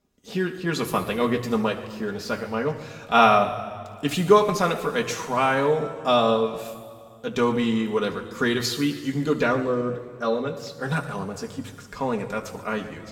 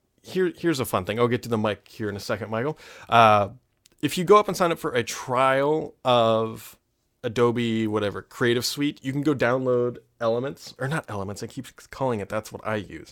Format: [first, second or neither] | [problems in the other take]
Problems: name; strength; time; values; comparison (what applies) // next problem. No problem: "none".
second | room echo; noticeable; dies away in 1.7 s // off-mic speech; somewhat distant